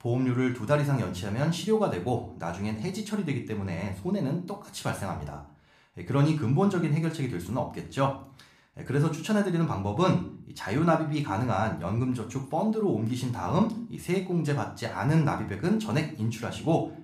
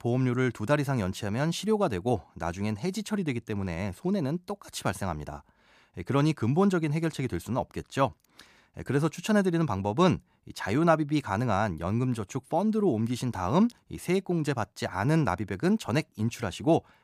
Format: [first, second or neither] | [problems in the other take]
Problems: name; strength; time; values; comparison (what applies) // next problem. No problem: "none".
second | room echo; slight; dies away in 0.4 s // off-mic speech; somewhat distant